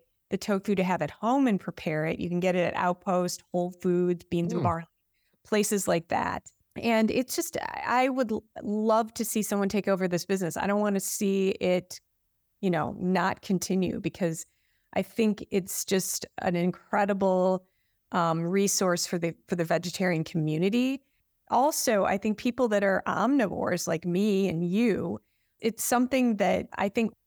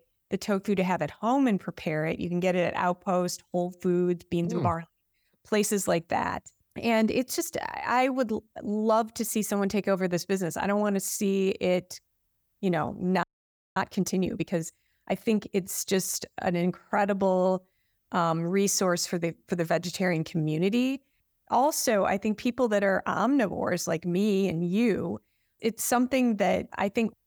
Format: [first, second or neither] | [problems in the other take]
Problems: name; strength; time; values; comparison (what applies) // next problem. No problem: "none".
first | audio freezing; at 13 s for 0.5 s